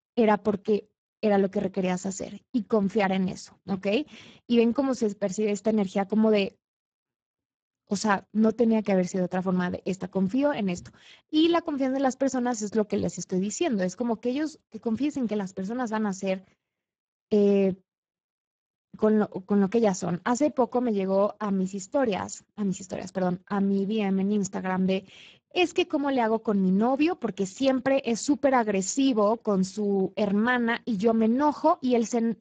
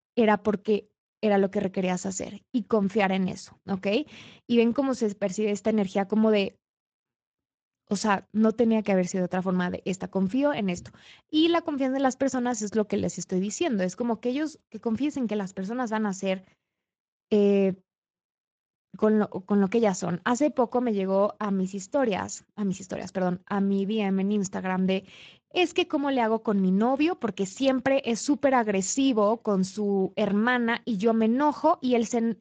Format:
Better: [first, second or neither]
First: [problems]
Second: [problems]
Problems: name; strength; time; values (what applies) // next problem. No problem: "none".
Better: second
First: garbled, watery; badly; nothing above 7.5 kHz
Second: garbled, watery; slightly; nothing above 7.5 kHz